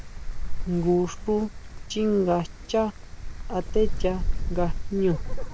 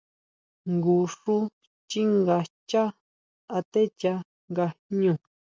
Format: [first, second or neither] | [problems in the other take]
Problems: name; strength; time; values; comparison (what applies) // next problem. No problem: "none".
second | background sound (Wind); 1 dB below the speech